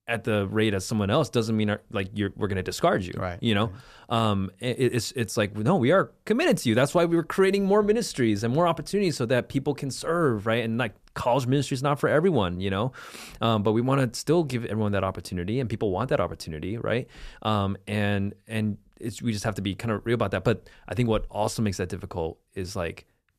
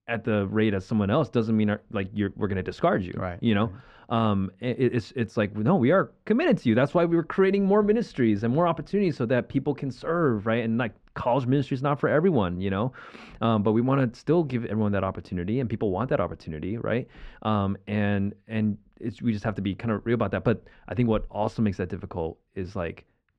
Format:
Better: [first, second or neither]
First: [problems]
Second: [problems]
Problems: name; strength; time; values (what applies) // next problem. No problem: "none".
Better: first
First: none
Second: muffled; slightly; fading above 2.5 kHz